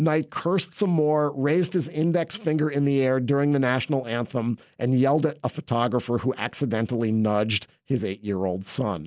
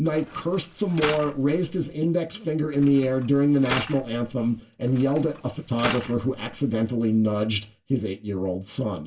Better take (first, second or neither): first